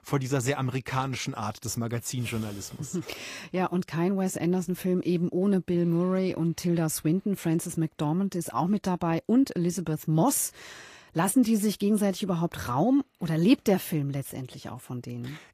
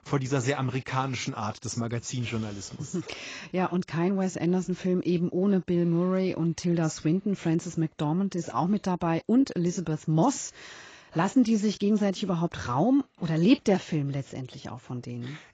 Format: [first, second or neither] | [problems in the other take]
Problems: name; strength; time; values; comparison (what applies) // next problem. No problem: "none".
first | garbled, watery; badly; nothing above 7.5 kHz; slightly in the first